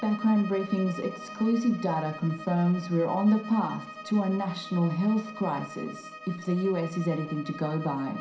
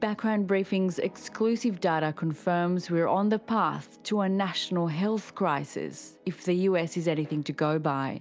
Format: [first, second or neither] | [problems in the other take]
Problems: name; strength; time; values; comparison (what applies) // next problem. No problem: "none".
second | background sound (Bowed string instrument); 15 dB below the speech // room echo; dies away in 0.5 s